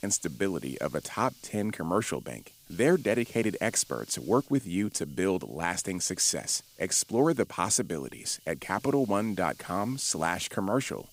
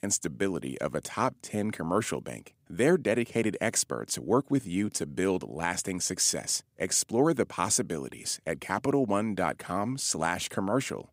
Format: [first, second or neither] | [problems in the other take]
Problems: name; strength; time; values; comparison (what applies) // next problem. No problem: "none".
second | hiss; faint; throughout; 25 dB below the speech